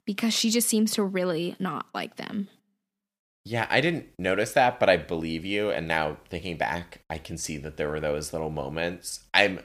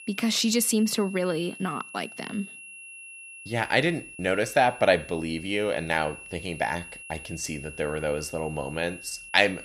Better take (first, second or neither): first